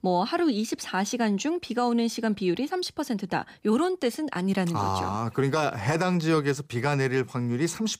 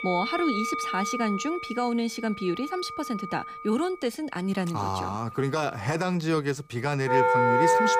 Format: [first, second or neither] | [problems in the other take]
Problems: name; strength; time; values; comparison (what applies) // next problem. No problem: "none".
first | background music; very loud; throughout; 1 dB above the speech